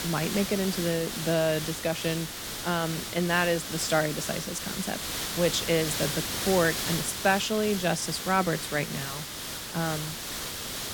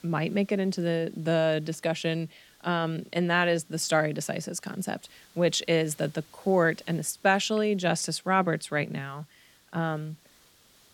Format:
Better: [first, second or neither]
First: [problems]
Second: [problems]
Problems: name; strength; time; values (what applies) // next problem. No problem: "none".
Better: second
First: hiss; loud; throughout; 4 dB below the speech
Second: hiss; faint; throughout; 30 dB below the speech